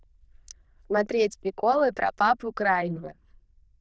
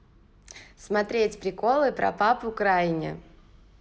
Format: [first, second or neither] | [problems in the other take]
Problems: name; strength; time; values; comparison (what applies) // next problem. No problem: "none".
second | noise reduction (neural diffusion model UNIVERSE++)